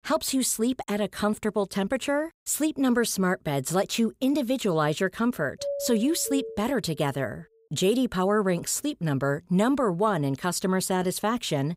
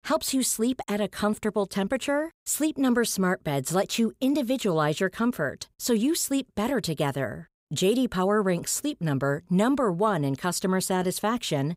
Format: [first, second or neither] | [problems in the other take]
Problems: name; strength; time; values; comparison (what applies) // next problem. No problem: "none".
second | doorbell; noticeable; from 5.5 to 6.5 s; peak 6 dB below the speech